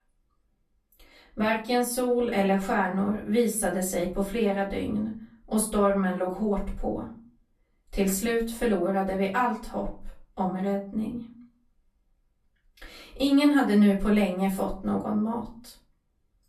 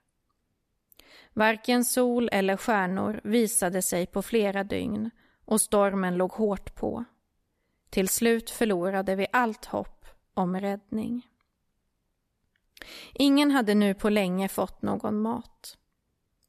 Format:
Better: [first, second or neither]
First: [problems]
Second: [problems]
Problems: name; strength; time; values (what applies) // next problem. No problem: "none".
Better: second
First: off-mic speech; far // room echo; slight; dies away in 0.3 s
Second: none